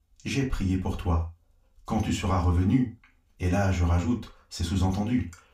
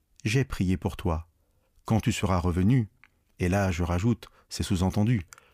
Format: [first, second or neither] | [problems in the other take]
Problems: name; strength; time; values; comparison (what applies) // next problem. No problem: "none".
second | room echo; very slight; dies away in 0.2 s // off-mic speech; far